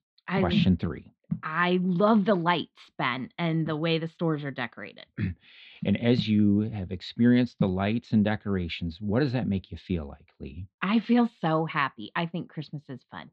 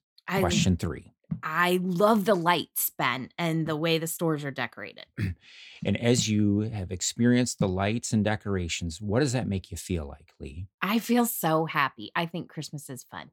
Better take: second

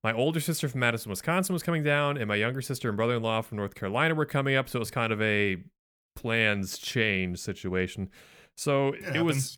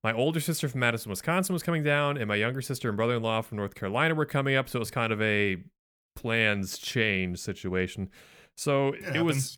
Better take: neither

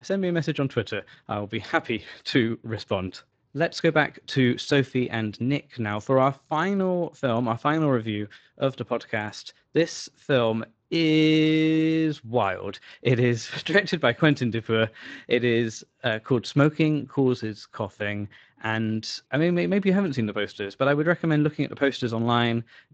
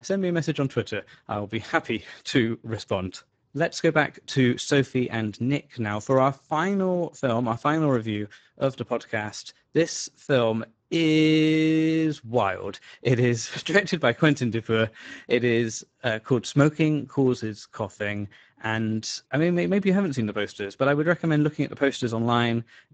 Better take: first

